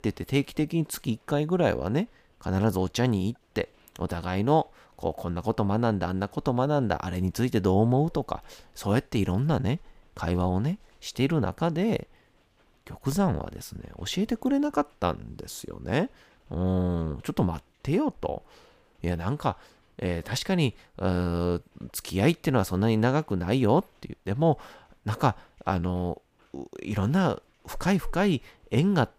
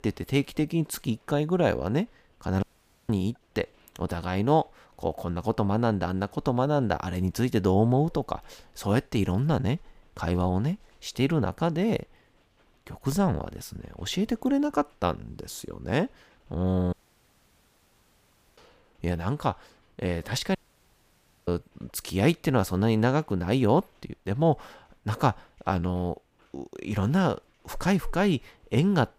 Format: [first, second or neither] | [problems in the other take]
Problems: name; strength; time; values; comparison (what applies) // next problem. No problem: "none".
first | audio cutting out; at 2.5 s, at 17 s for 1.5 s and at 21 s for 1 s